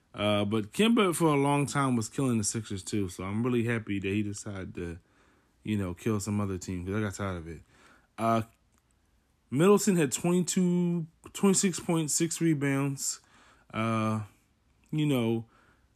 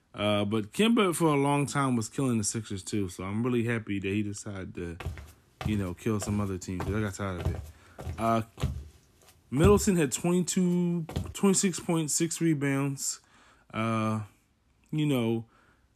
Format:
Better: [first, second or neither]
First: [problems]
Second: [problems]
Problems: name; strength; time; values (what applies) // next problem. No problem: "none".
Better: first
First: none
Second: footsteps; noticeable; from 5 to 11 s; peak 1 dB below the speech